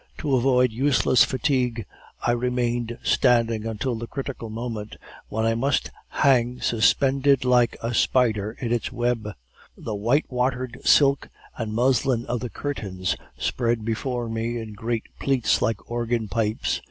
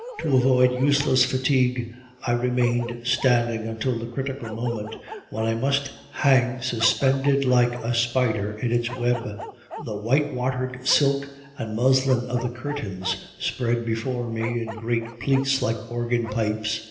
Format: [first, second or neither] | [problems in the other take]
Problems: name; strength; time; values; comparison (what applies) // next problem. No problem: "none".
first | background sound (Bark); 16 dB below the speech // room echo; dies away in 0.8 s